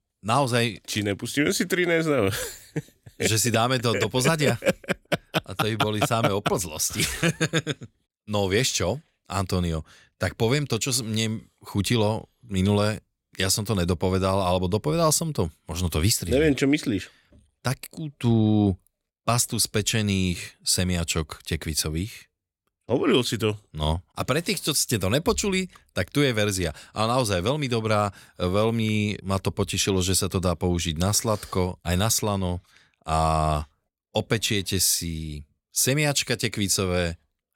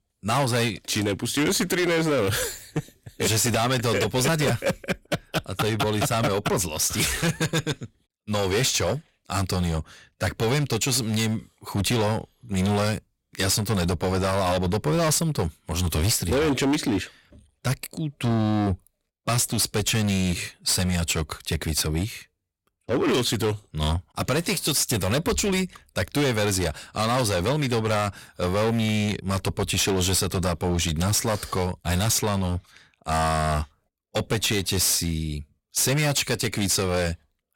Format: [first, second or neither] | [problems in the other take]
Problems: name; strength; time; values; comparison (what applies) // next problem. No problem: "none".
first | distortion; heavy; 16% of the sound clipped